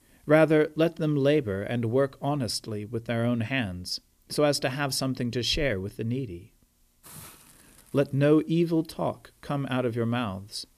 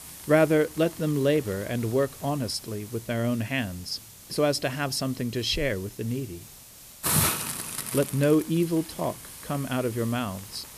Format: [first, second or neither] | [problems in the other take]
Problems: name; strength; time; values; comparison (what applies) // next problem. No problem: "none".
first | hiss; loud; throughout; 6 dB below the speech; faint in the first